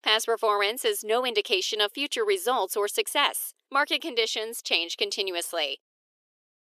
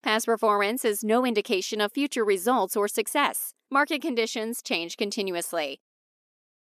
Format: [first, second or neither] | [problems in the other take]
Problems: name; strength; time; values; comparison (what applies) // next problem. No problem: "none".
second | thin; somewhat; fading below 350 Hz